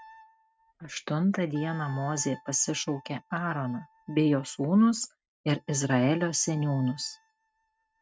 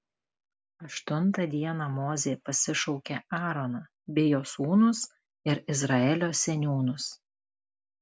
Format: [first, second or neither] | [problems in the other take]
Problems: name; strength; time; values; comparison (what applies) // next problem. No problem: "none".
second | noise reduction (neural mask model RNNoise)